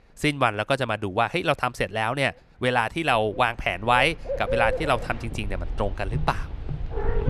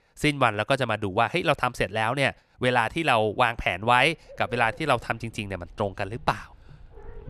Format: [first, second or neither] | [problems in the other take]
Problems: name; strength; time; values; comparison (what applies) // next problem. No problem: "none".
second | animal sounds; loud; throughout; 8 dB below the speech; faint in the second